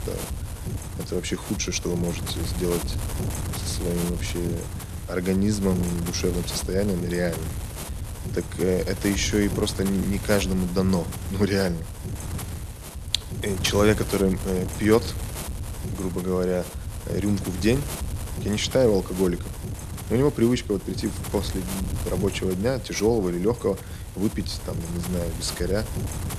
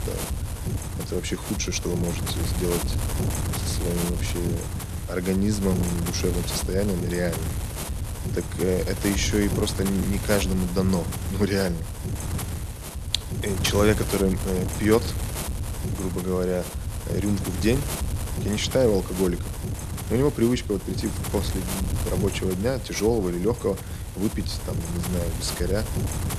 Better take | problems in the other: first | wind noise on the microphone; heavy; 7 dB below the speech; occasional gusts in the first

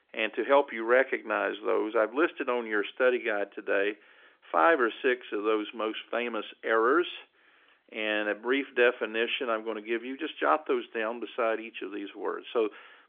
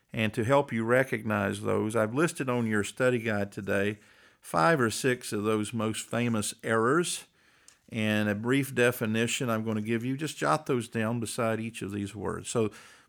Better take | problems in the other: second | phone-call audio; nothing above 3.5 kHz

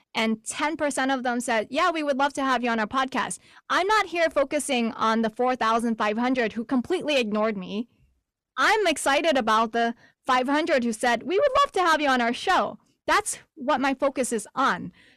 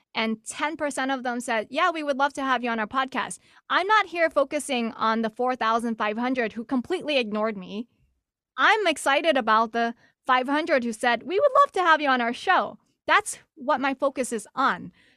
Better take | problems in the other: second | distortion; slight; 10 dB below the speech

